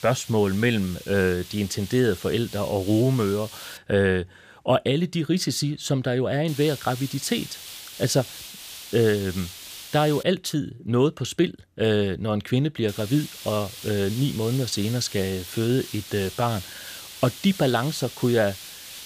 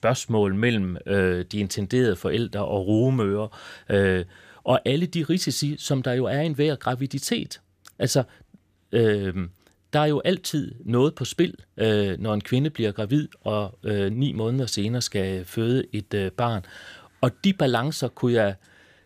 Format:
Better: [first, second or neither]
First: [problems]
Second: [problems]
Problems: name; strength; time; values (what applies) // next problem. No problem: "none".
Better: second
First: hiss; noticeable; until 4 s, from 6.5 to 10 s and from 13 s on; 15 dB below the speech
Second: none